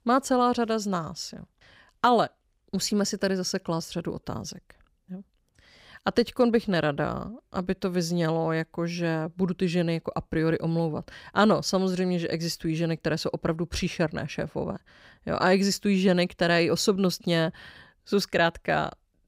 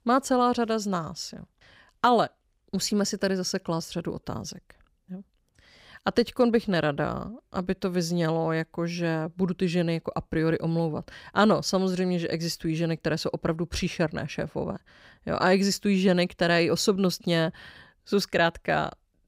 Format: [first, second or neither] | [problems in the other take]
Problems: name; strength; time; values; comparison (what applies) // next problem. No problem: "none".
neither | none